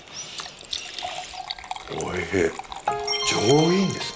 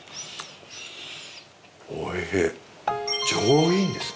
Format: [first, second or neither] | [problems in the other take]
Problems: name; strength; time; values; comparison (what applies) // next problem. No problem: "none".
second | background sound (Liquid); 12 dB below the speech